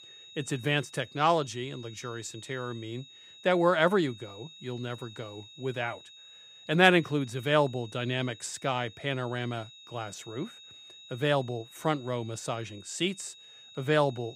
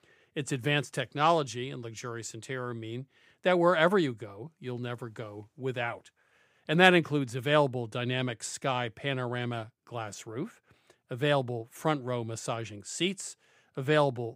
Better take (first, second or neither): second